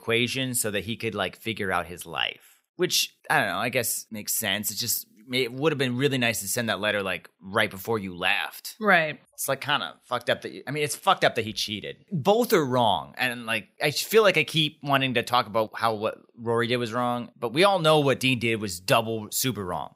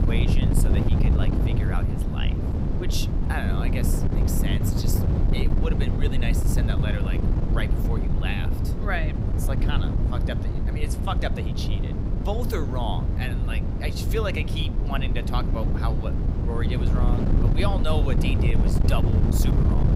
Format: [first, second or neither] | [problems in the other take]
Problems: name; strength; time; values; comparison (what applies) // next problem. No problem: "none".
first | wind noise on the microphone; heavy; 2 dB below the speech